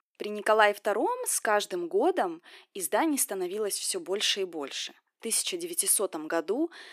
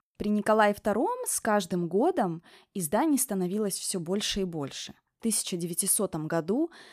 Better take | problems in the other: second | thin; somewhat; fading below 350 Hz

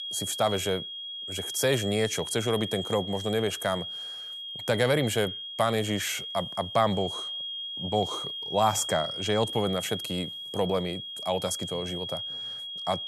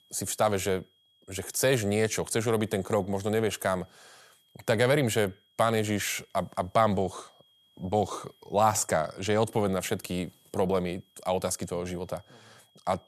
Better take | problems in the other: second | high-pitched whine; loud; throughout; 3.5 kHz, 5 dB below the speech; faint in the second

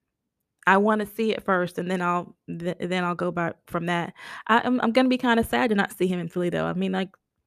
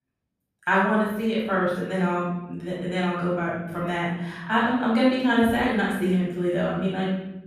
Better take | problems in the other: first | room echo; noticeable; dies away in 1.1 s // off-mic speech; far

